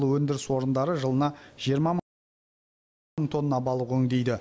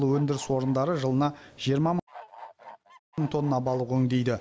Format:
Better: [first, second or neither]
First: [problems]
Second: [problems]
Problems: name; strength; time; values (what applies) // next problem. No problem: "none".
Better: first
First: none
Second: background sound (Bird / Fowl); 19 dB below the speech